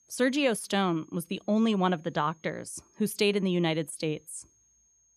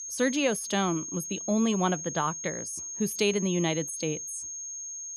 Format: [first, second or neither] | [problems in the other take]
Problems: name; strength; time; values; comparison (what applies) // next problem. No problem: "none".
first | high-pitched whine; loud; throughout; 6.5 kHz, 6 dB below the speech; faint in the first